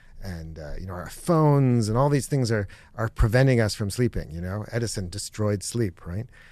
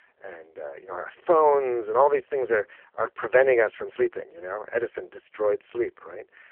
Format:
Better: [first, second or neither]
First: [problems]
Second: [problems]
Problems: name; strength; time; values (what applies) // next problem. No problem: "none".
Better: first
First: none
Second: phone-call audio; poor line